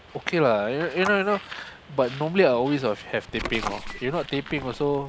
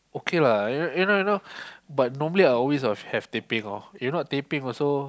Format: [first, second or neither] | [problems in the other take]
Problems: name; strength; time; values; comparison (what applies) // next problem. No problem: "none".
second | background sound (Bird + Telephone); 13 dB below the speech